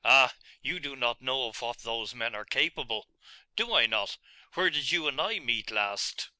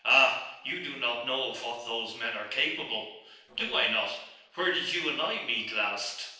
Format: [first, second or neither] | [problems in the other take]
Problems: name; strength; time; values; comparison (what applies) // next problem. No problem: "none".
first | noise reduction (neural separator model SepFormer DNS4)